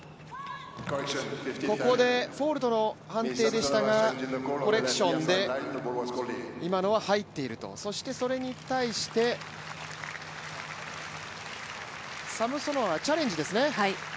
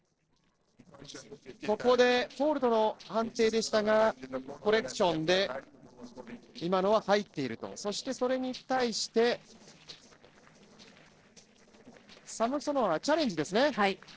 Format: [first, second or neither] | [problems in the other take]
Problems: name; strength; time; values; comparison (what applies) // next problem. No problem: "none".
first | noise reduction (neural separator model SepFormer DNS4)